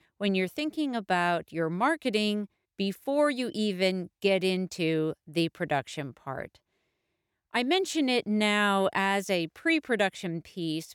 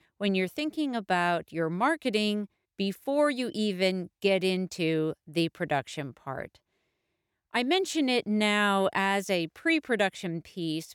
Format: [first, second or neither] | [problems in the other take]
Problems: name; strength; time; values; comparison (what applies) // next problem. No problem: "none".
neither | none